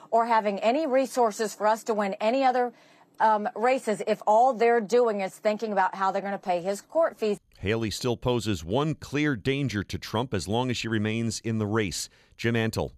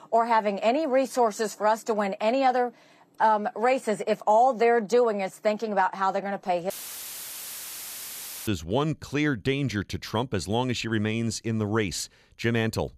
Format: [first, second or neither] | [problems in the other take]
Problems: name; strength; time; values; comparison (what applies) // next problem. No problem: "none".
first | audio cutting out; filled with static; at 6.5 s for 2 s